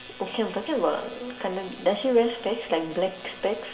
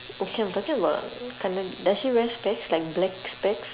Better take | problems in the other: second | room echo; dies away in 1.4 s

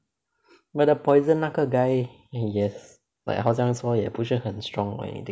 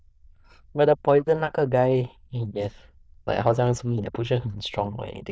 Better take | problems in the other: first | noise reduction (neural diffusion model UNIVERSE++)

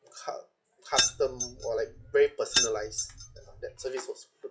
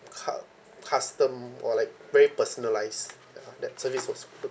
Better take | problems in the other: second | noise reduction (classical method log-MMSE)

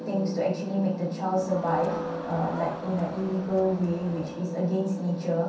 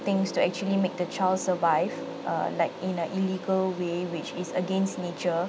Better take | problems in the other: second | background sound (Crowd); 13 dB below the speech // room echo; dies away in 0.6 s

